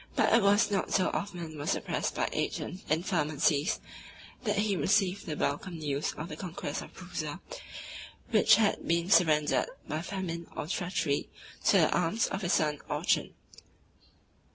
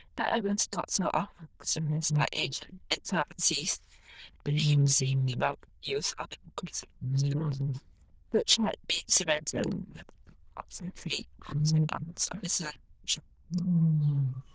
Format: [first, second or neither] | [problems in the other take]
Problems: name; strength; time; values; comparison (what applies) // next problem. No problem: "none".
first | noise reduction (neural diffusion model UNIVERSE++)